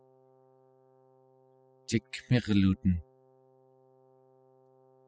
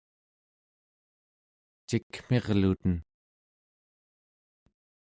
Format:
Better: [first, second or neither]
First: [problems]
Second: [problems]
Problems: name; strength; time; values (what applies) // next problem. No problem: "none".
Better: second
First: noise reduction (classical method spectral subtraction)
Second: none